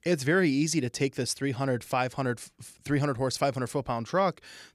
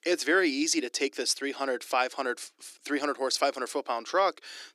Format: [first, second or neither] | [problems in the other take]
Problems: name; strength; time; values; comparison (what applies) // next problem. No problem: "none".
first | thin; somewhat; fading below 300 Hz